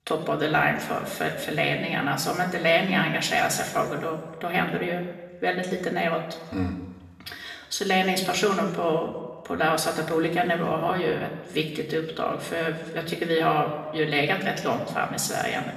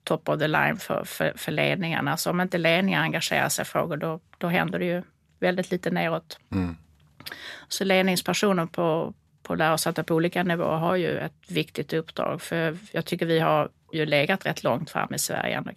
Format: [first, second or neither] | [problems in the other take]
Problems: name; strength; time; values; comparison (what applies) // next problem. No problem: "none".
second | room echo; slight; dies away in 1.1 s // off-mic speech; somewhat distant